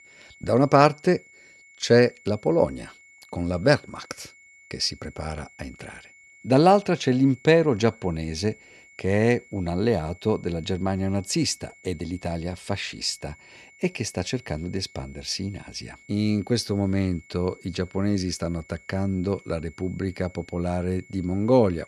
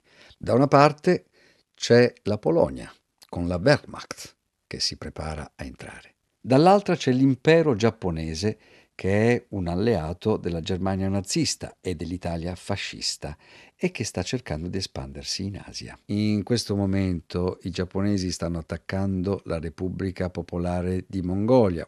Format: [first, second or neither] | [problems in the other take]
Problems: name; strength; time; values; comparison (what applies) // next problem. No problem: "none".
second | high-pitched whine; faint; throughout; 2 kHz, 25 dB below the speech